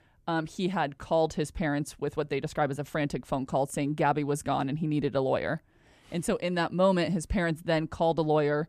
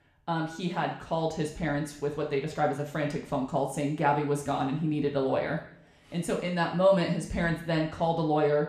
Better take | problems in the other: first | room echo; slight; dies away in 0.6 s // off-mic speech; somewhat distant

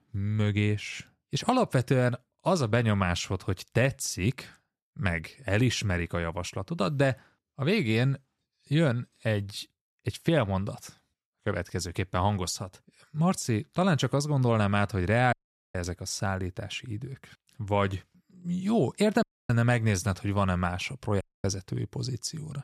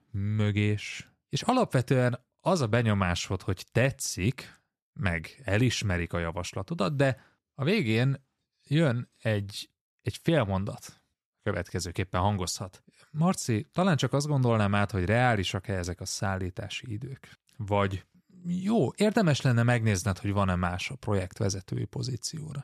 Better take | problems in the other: second | audio cutting out; at 15 s, at 19 s and at 21 s

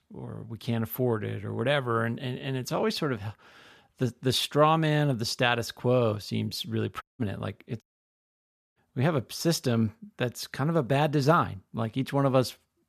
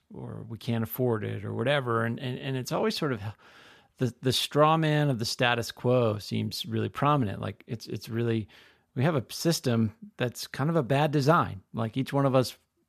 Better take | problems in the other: second | audio cutting out; at 7 s and at 8 s for 1 s

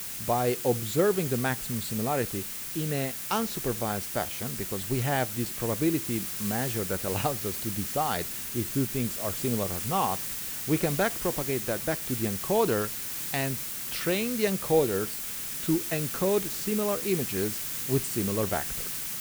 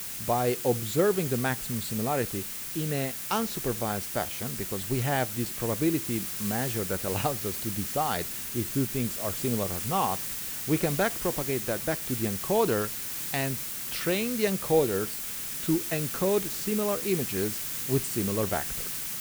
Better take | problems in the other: neither | hiss; loud; throughout; 2 dB below the speech; the same in both

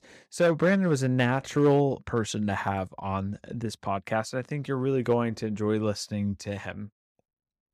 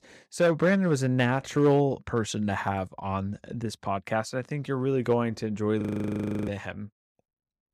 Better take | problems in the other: first | audio freezing; at 6 s for 0.5 s

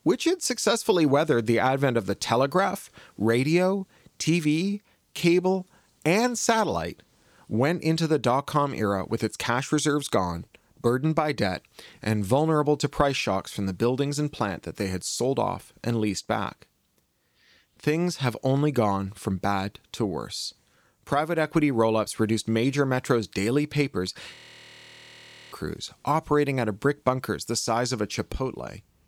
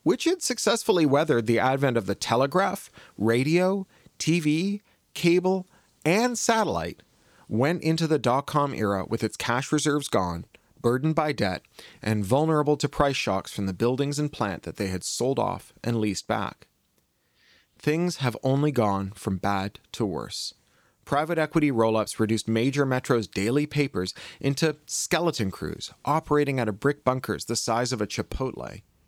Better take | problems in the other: second | audio freezing; at 24 s for 1 s

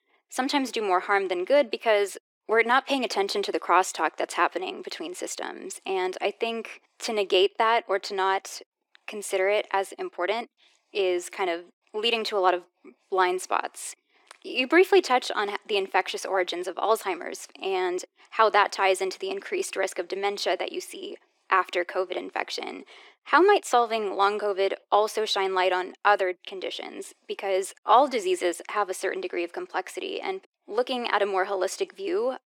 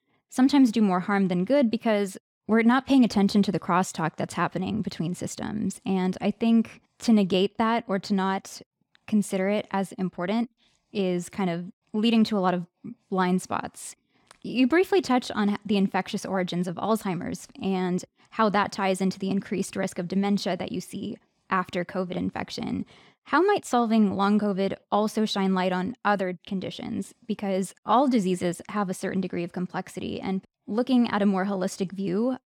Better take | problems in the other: second | thin; very; fading below 350 Hz

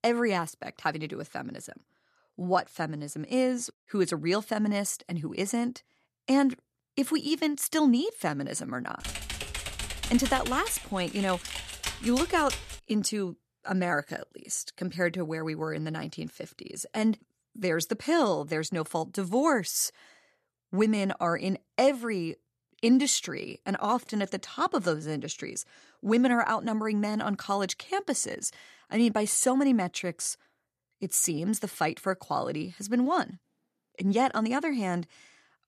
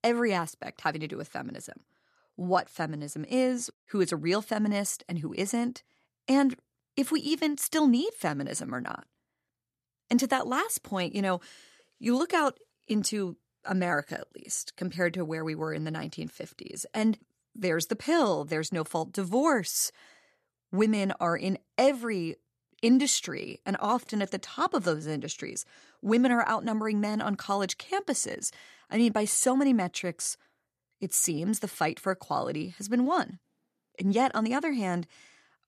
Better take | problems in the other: second | keyboard typing; noticeable; from 9 to 13 s; peak 5 dB below the speech

